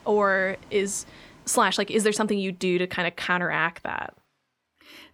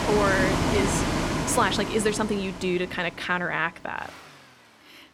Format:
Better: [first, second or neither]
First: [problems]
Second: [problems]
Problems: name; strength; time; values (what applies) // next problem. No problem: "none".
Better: first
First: traffic noise; faint; throughout; 30 dB below the speech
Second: traffic noise; loud; throughout; as loud as the speech